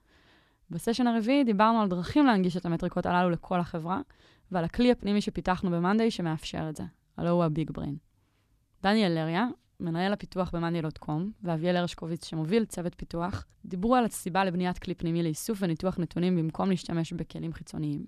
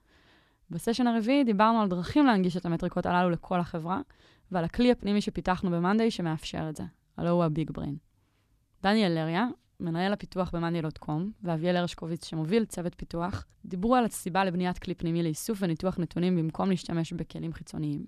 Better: neither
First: none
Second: none

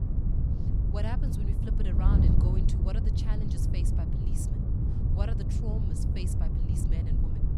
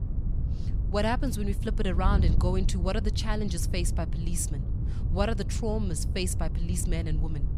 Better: second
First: wind noise on the microphone; heavy; 2 dB above the speech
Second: wind noise on the microphone; occasional gusts; 10 dB below the speech

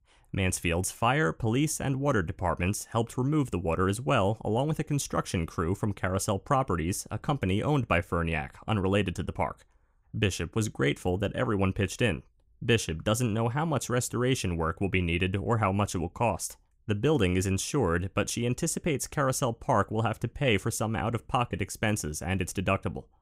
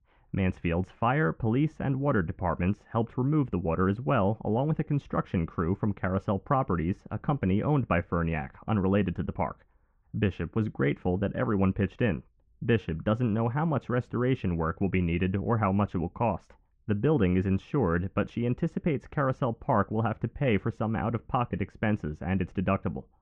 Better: first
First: none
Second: muffled; very; fading above 2 kHz

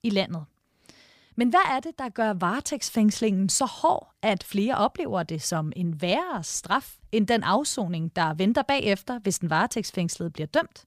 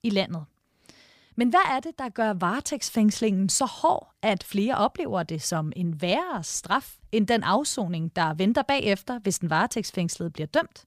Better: neither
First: none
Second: none

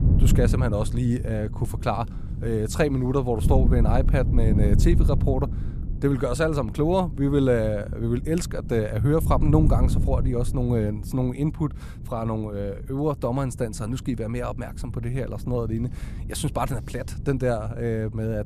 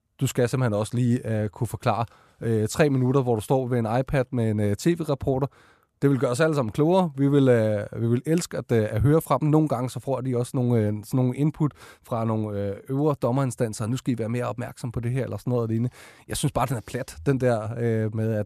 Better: second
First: wind noise on the microphone; occasional gusts; 10 dB below the speech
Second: none

